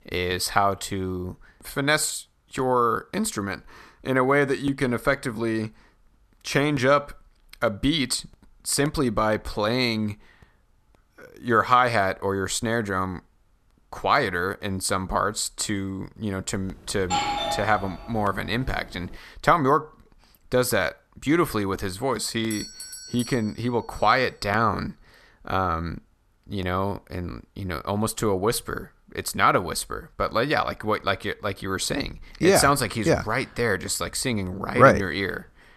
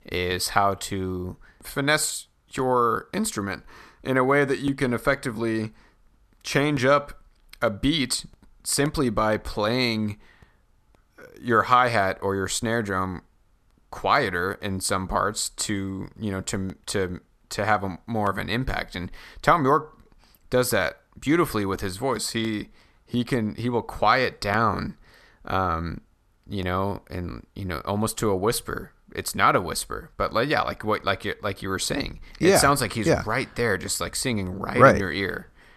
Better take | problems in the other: second | doorbell; noticeable; from 17 to 19 s; peak level with the speech // doorbell; faint; from 23 to 24 s; peak 10 dB below the speech

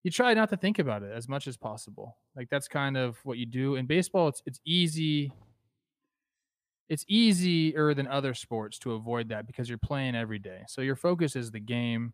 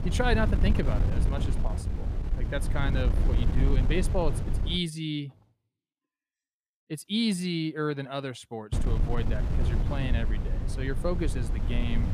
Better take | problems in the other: first | wind noise on the microphone; heavy; until 5 s and from 8.5 s on; 8 dB below the speech

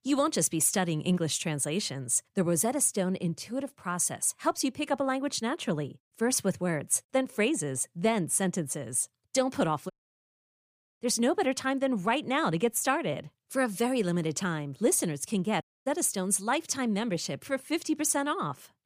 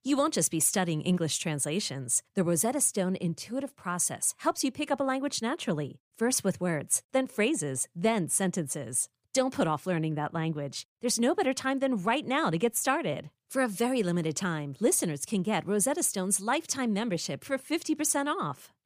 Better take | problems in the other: second | audio cutting out; at 10 s for 1 s and at 16 s

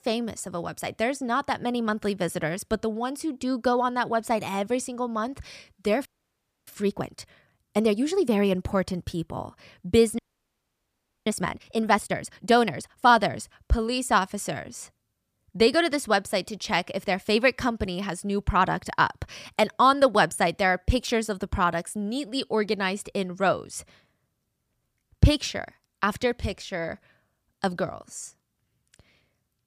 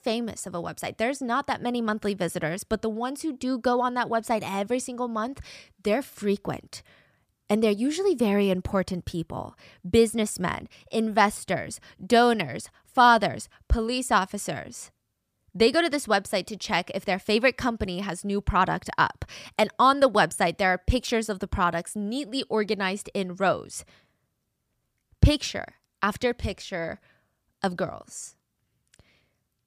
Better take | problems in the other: second | audio freezing; at 6 s for 0.5 s and at 10 s for 1 s

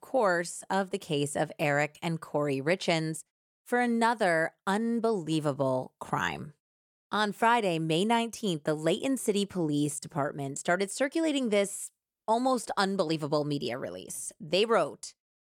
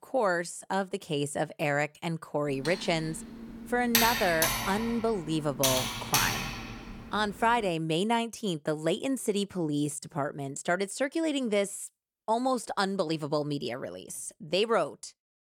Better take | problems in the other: first | keyboard typing; loud; from 2.5 to 6.5 s; peak 5 dB above the speech

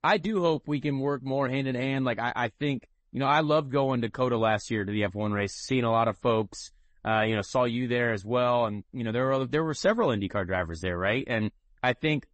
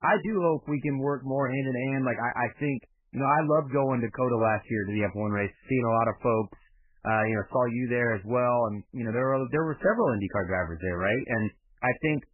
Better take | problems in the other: first | garbled, watery; badly; nothing above 2.5 kHz; slightly in the first

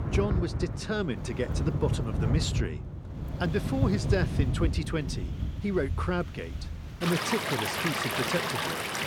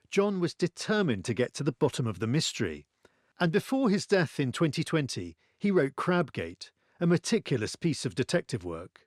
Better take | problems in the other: second | rain or running water; very loud; throughout; 1 dB above the speech

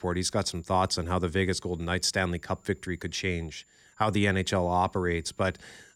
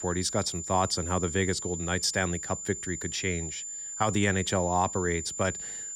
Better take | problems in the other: first | high-pitched whine; loud; throughout; 7 kHz, 6 dB below the speech; faint in the first

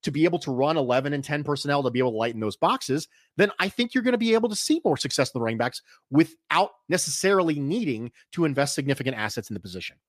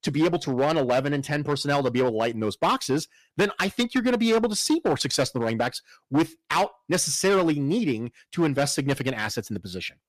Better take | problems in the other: first | distortion; slight; 6% of the sound clipped

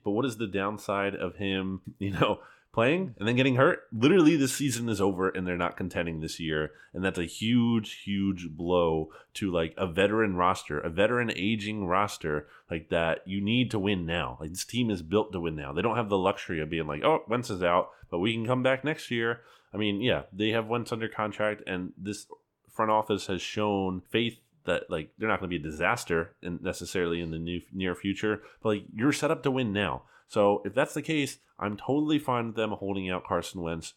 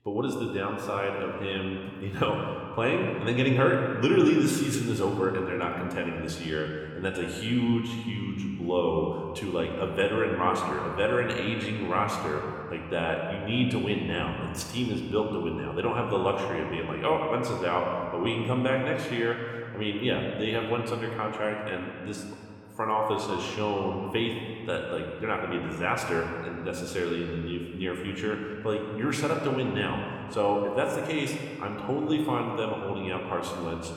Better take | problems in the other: first | room echo; noticeable; dies away in 1.9 s

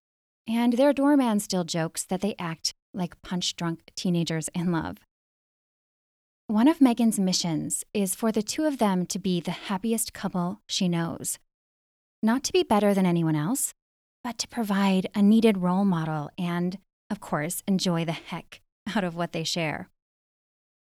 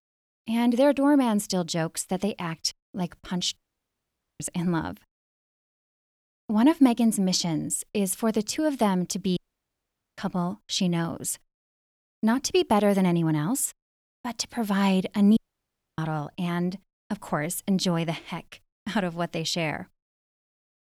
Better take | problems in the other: first | audio cutting out; at 3.5 s for 1 s, at 9.5 s for 1 s and at 15 s for 0.5 s

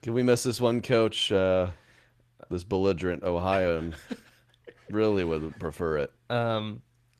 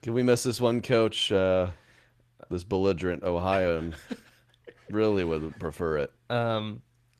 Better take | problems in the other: neither | garbled, watery; slightly; nothing above 14 kHz; the same in both

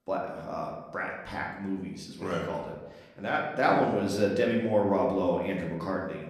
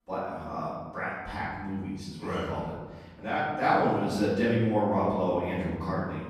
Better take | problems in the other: first | room echo; strong; dies away in 1.4 s; slight in the first // off-mic speech; far; somewhat distant in the first

